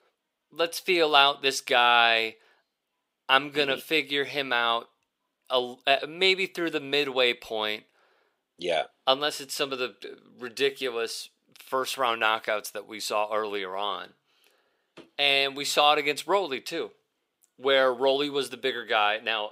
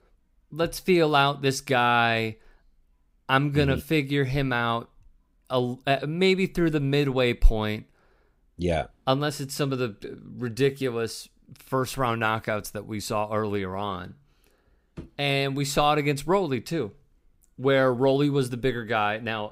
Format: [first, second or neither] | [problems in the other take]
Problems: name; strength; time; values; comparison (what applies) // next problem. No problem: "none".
second | thin; somewhat; fading below 500 Hz